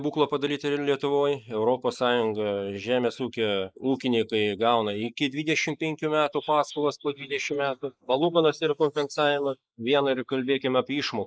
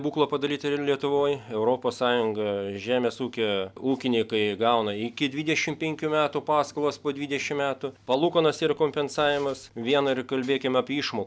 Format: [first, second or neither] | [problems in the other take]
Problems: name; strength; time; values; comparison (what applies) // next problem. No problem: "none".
second | noise reduction (neural mask model Resemble Enhance denoiser)